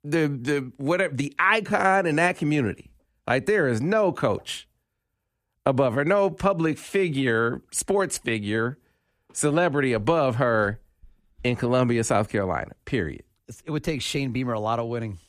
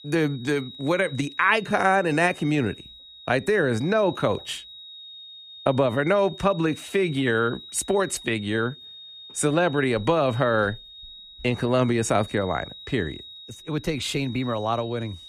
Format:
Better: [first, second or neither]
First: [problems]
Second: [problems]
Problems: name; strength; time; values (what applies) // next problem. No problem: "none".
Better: first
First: none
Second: high-pitched whine; noticeable; throughout; 4 kHz, 15 dB below the speech